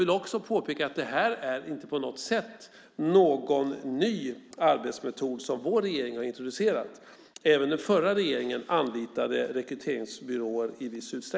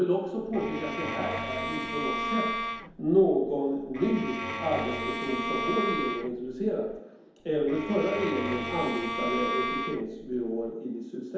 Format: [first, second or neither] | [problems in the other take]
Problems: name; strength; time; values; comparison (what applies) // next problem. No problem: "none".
first | background sound (Bowed string instrument); 4 dB below the speech // room echo; dies away in 1 s